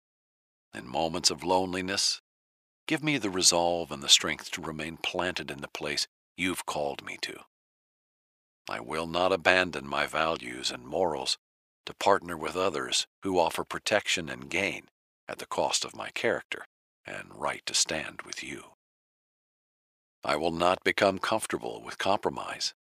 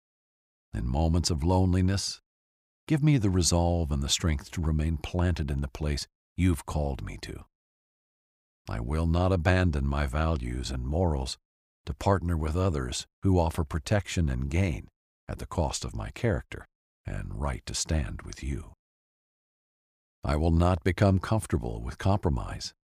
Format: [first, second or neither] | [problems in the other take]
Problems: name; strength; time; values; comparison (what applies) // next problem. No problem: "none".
second | thin; very; fading below 400 Hz